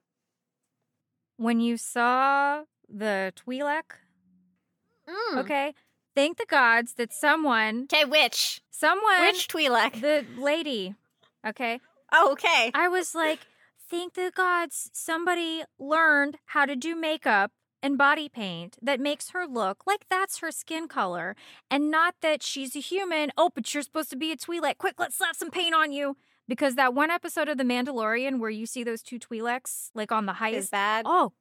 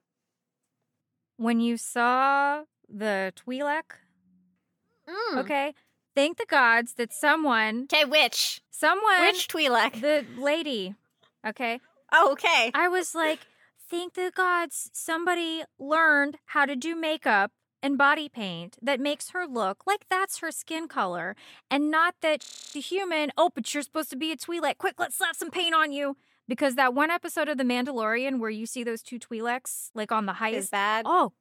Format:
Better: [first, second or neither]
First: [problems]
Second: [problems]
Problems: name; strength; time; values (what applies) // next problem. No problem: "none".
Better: first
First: none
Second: audio freezing; at 22 s